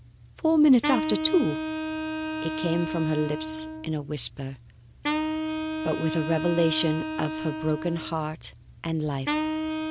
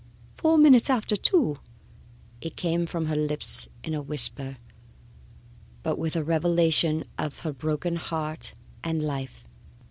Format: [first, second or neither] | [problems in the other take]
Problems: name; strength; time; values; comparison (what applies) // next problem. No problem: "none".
second | background sound (Wind instrument, woodwind instrument); 4 dB below the speech